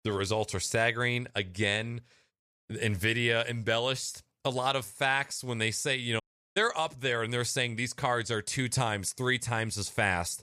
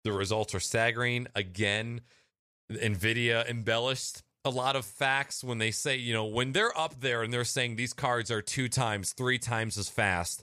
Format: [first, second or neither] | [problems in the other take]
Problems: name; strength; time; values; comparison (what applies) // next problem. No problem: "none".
second | audio cutting out; at 6 s